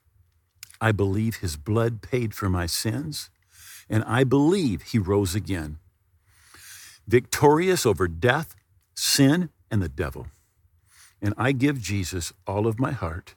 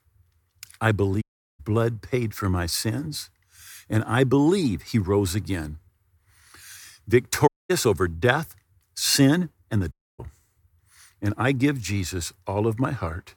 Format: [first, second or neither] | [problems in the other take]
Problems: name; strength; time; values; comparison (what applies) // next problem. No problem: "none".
first | audio cutting out; at 1 s, at 7.5 s and at 10 s